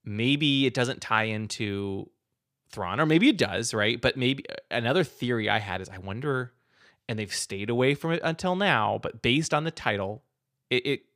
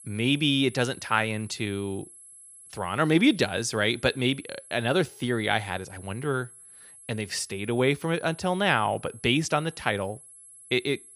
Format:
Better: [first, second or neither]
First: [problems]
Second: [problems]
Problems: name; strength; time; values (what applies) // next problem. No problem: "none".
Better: first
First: none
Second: high-pitched whine; noticeable; throughout; 11 kHz, 20 dB below the speech